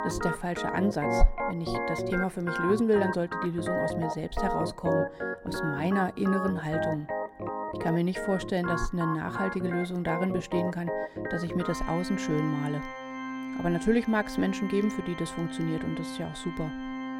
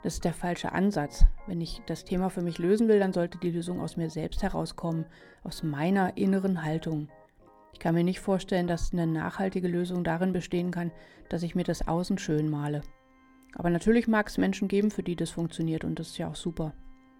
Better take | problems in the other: second | background music; loud; throughout; 3 dB below the speech; faint in the second

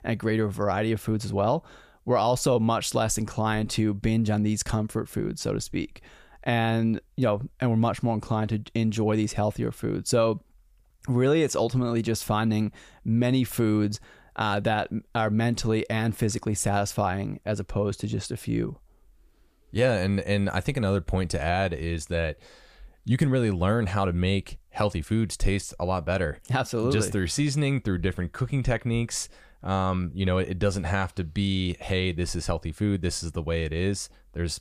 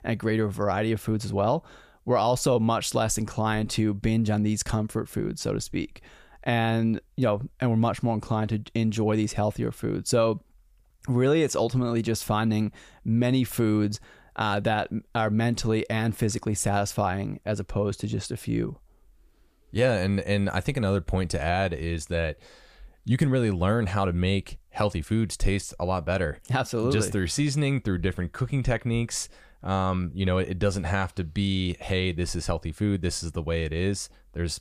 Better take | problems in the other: neither | none

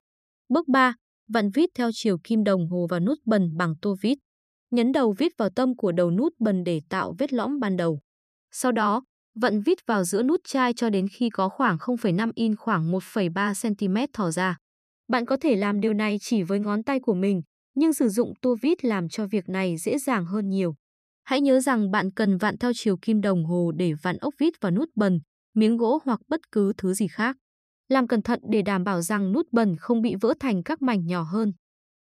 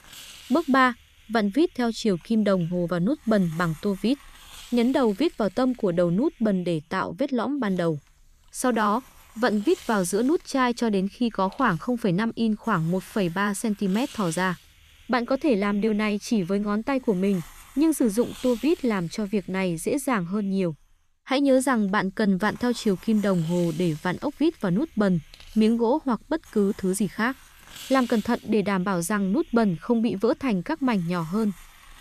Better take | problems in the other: first | hiss; faint; throughout; 25 dB below the speech

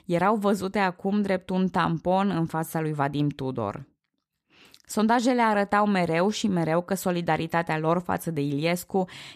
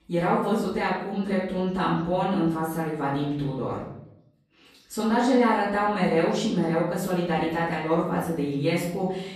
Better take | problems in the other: first | room echo; noticeable; dies away in 0.7 s // off-mic speech; far

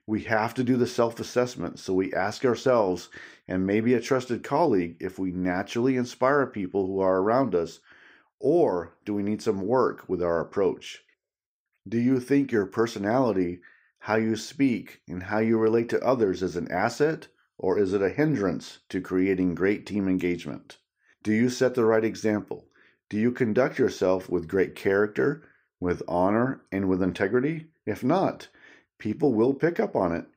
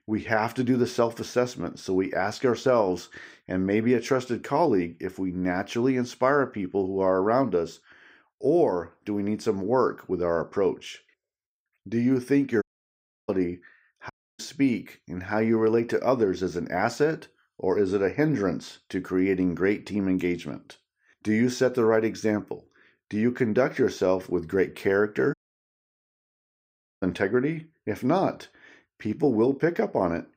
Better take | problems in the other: first | audio cutting out; at 13 s for 0.5 s, at 14 s and at 25 s for 1.5 s

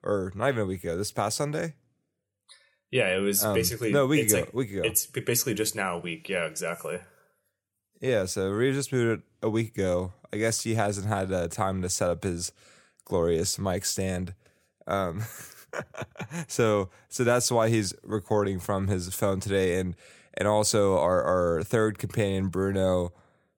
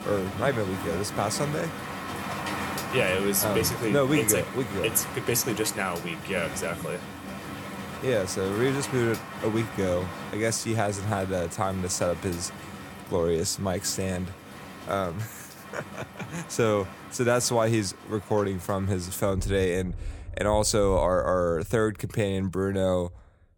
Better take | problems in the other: first | rain or running water; loud; throughout; 10 dB below the speech

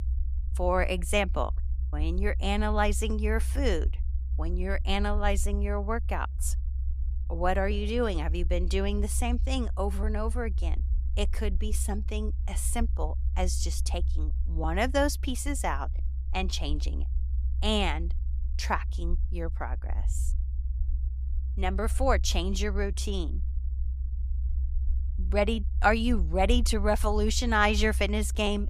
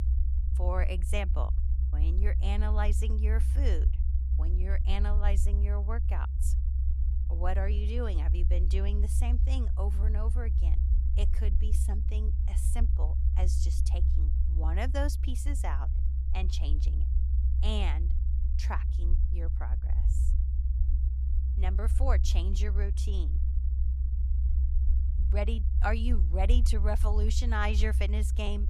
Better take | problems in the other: first | low rumble; loud; throughout; 9 dB below the speech; faint in the first

